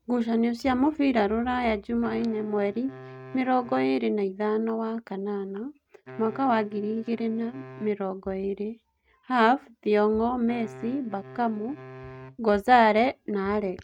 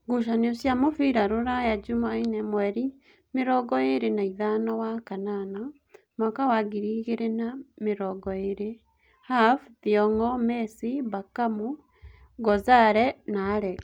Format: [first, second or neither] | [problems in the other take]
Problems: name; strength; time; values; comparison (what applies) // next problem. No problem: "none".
second | noise reduction (neural mask model RNNoise)